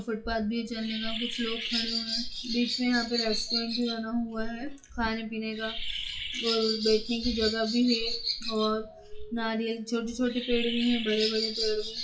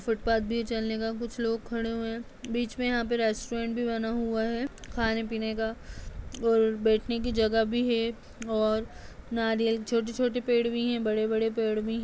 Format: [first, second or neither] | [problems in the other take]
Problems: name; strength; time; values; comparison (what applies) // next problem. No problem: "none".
second | noise reduction (classical method WPE with log-MMSE)